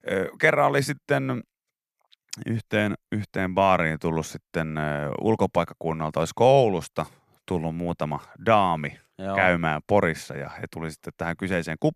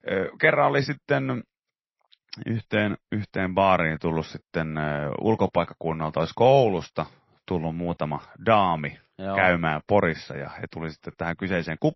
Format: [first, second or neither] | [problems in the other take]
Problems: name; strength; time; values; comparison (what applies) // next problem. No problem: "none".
first | garbled, watery; slightly; nothing above 5.5 kHz